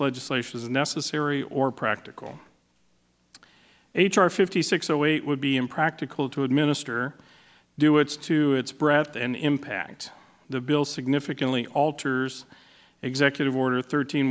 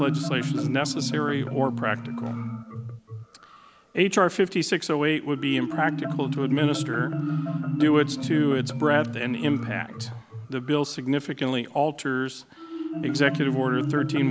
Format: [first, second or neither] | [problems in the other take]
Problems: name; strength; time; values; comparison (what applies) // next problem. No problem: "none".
first | background sound (Marimba, xylophone); 5 dB below the speech